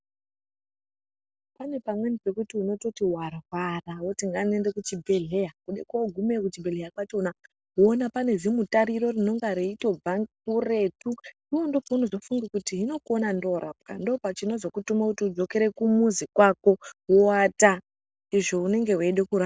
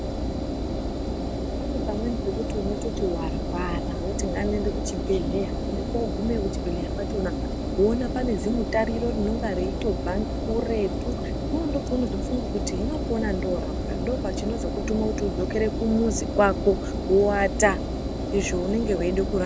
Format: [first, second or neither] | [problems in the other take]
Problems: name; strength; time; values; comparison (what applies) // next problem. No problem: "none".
first | background sound (Engine); 1 dB below the speech